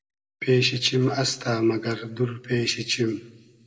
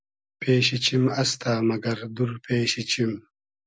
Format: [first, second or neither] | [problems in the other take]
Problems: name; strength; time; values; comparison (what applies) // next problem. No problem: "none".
second | room echo; dies away in 0.9 s